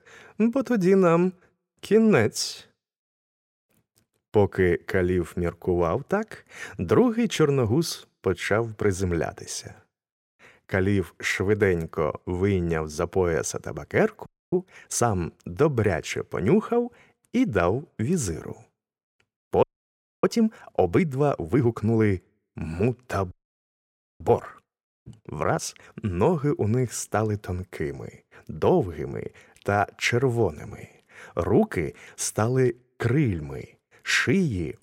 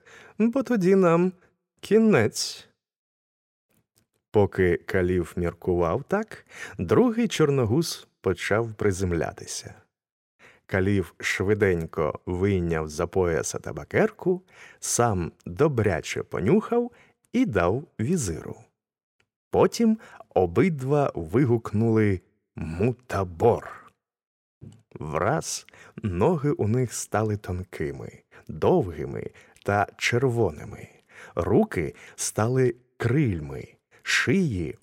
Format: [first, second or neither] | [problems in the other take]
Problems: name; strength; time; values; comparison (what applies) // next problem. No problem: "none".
second | audio freezing; at 14 s, at 20 s for 0.5 s and at 23 s for 1 s